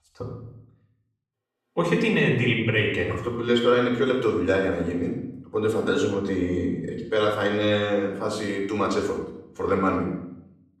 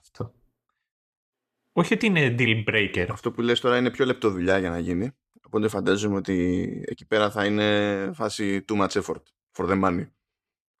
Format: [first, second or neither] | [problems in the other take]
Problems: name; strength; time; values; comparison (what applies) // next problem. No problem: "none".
second | off-mic speech; somewhat distant // room echo; noticeable; dies away in 0.7 s